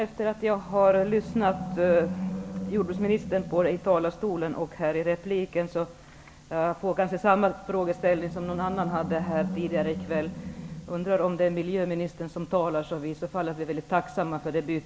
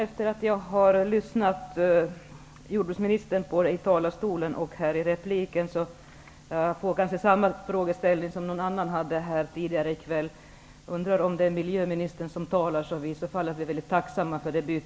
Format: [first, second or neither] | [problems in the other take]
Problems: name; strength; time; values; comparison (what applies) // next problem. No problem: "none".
second | background sound (Animal); 12 dB below the speech